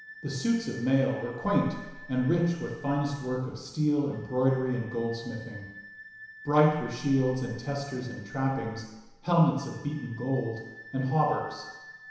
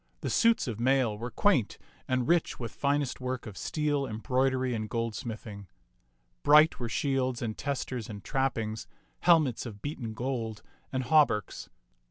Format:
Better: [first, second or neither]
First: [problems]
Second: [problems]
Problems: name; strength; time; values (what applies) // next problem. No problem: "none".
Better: second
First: background sound (Wind instrument, woodwind instrument); 19 dB below the speech // room echo; dies away in 1 s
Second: none